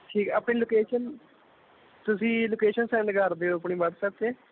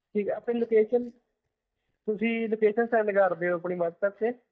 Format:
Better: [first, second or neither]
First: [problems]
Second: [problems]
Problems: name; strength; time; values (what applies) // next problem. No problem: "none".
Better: first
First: none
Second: noise reduction (neural mask model DeepFilterNet 3)